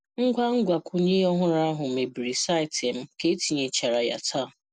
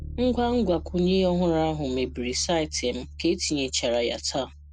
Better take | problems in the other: first | background sound (Bass guitar); 14 dB below the speech

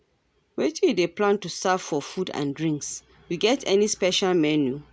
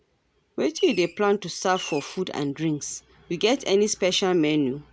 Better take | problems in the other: first | background sound (Fireworks); 13 dB below the speech

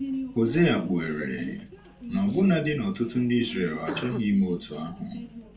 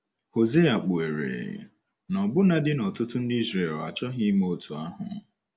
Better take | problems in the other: second | background sound (Sneeze); 10 dB below the speech // room echo; dies away in 0.2 s

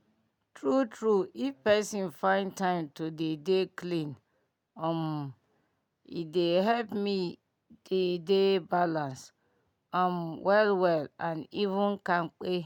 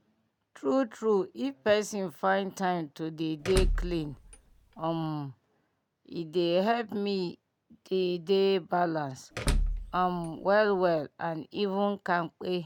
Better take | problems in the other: first | background sound (Door / Car); 2 dB below the speech

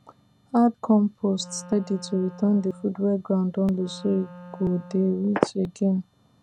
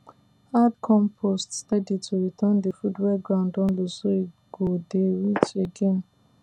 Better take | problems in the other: second | background sound (Wind instrument, woodwind instrument); 19 dB below the speech

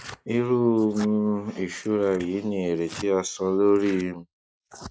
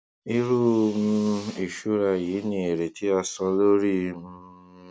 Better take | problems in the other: second | noise reduction (neural mask model Resemble Enhance denoiser)

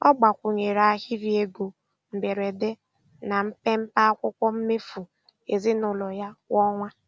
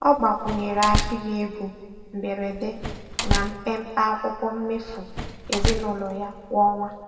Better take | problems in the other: first | background sound (Slam); 4 dB below the speech // room echo; dies away in 1.7 s

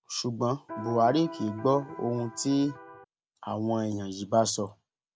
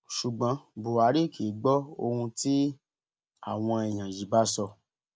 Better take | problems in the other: second | background sound (Electric guitar); 12 dB below the speech

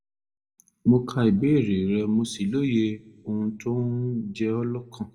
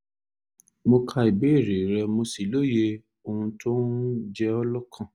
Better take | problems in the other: second | room echo; dies away in 0.9 s

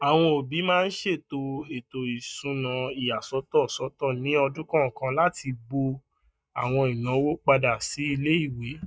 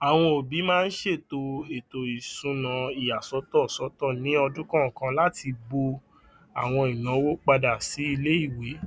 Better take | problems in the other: second | noise reduction (neural mask model DeepFilterNet 3)

